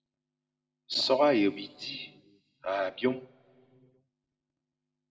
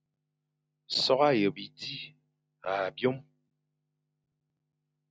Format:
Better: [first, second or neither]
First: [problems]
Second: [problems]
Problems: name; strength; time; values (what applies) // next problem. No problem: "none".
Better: second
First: room echo; dies away in 1 s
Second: none